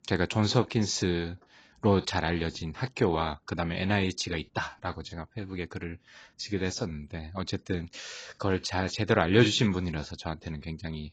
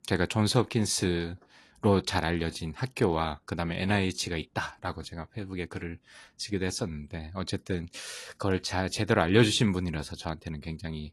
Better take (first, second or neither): second